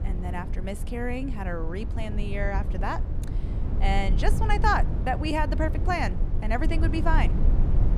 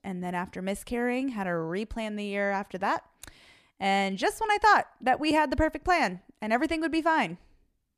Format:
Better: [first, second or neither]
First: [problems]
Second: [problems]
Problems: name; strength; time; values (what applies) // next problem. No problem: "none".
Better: second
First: low rumble; noticeable; throughout; 10 dB below the speech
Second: none